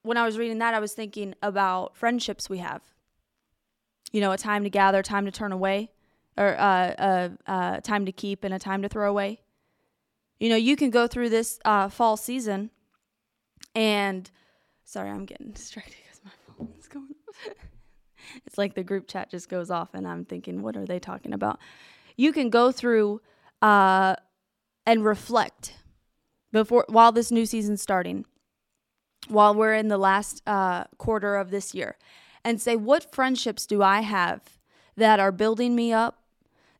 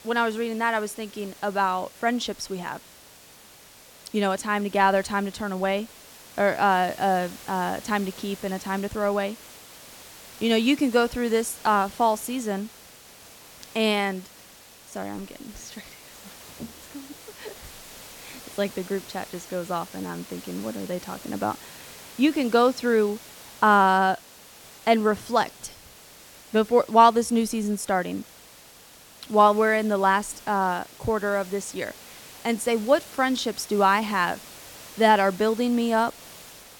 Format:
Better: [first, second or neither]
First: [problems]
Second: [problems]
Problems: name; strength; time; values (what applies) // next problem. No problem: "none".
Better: first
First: none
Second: hiss; noticeable; throughout; 20 dB below the speech